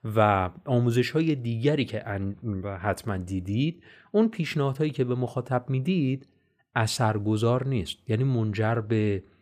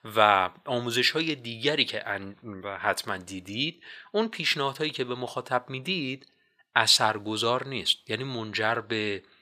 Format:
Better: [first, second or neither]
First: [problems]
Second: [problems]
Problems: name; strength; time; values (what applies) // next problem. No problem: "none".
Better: first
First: none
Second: thin; somewhat; fading below 1 kHz